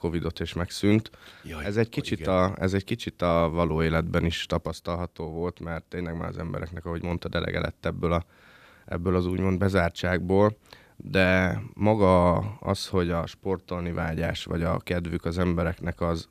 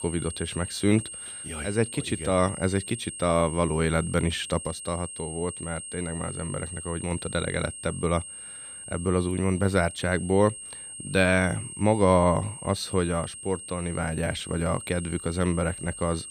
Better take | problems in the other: first | high-pitched whine; loud; throughout; 8.5 kHz, 10 dB below the speech

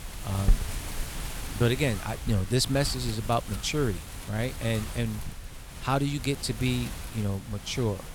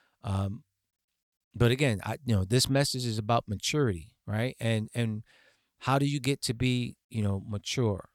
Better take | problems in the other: second | wind noise on the microphone; heavy; 10 dB below the speech

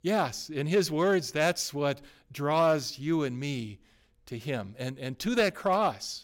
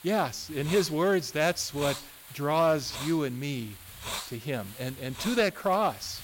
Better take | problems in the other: first | hiss; noticeable; throughout; 10 dB below the speech

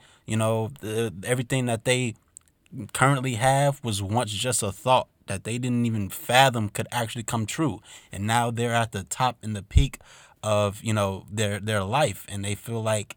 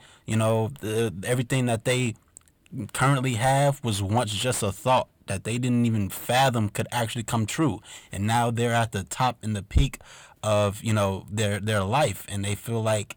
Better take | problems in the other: first | distortion; slight; 10 dB below the speech

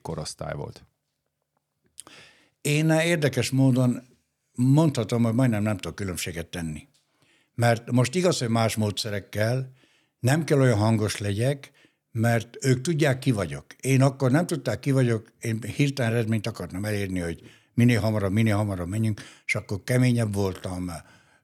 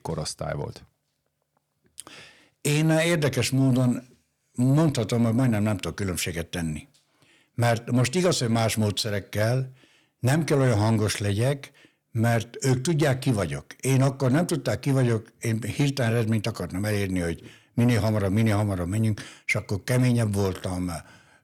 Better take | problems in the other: first | distortion; slight; 10 dB below the speech

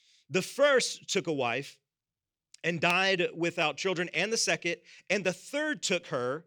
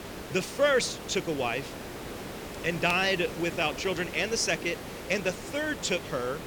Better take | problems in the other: first | hiss; noticeable; throughout; 10 dB below the speech

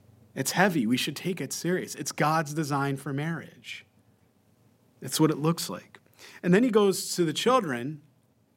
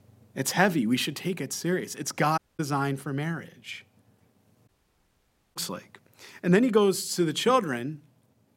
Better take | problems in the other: first | audio cutting out; at 2.5 s and at 4.5 s for 1 s

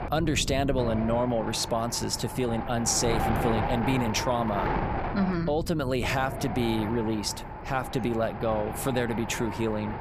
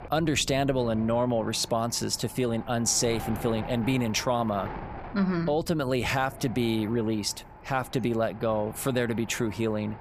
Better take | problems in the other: second | wind noise on the microphone; heavy; 4 dB below the speech; occasional gusts in the second

